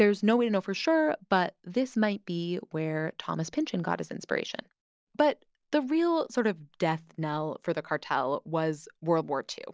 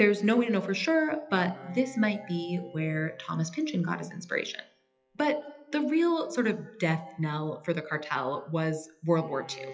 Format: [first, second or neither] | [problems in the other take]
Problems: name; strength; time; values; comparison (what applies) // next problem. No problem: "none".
first | noise reduction (classical method WPE with log-MMSE)